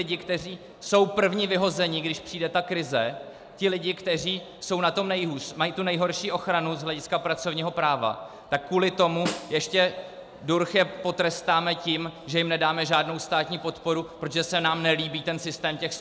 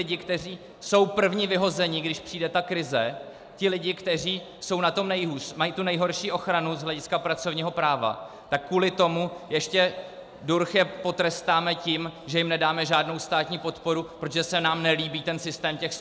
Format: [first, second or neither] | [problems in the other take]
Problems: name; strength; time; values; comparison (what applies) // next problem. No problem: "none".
second | background sound (Snare drum); 13 dB below the speech